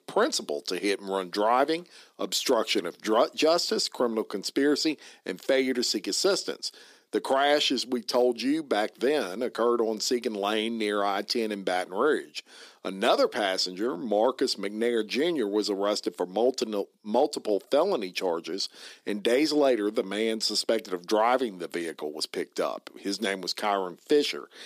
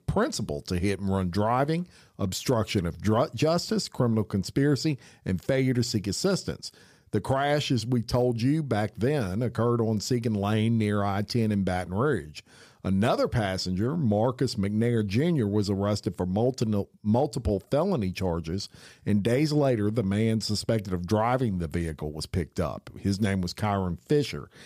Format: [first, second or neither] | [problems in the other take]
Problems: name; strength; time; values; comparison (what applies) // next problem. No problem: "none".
second | thin; somewhat; fading below 300 Hz